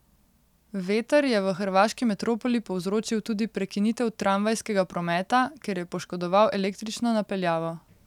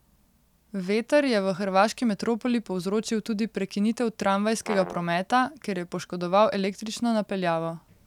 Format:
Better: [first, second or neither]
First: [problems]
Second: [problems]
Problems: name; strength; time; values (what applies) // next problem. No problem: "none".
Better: first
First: none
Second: background sound (Brass instrument); 12 dB below the speech